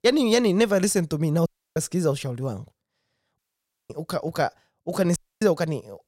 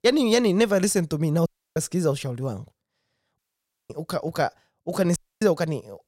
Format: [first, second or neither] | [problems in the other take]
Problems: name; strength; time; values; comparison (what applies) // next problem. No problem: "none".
neither | audio cutting out; at 1.5 s, at 3.5 s for 0.5 s and at 5 s; the same in both